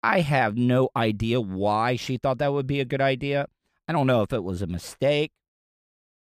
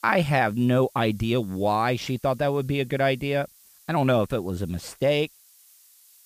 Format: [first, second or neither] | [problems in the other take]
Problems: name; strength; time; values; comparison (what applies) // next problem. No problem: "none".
first | hiss; faint; throughout; 25 dB below the speech